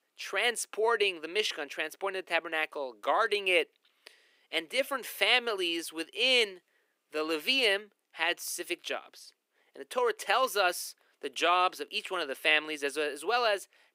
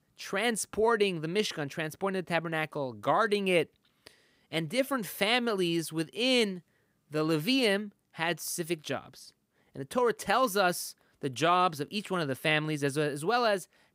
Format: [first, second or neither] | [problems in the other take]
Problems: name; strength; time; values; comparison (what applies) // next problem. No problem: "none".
second | thin; somewhat; fading below 350 Hz